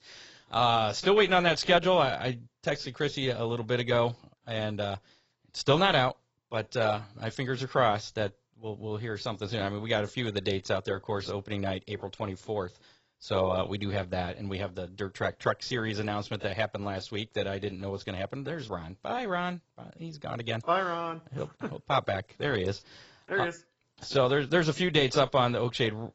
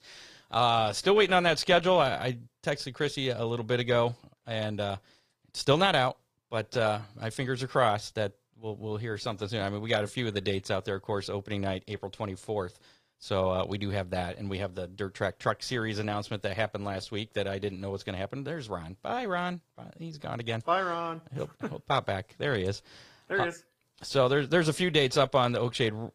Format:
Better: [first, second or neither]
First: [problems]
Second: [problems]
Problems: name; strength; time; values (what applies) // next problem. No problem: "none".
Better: second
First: garbled, watery; badly; nothing above 8 kHz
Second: garbled, watery; slightly; nothing above 15.5 kHz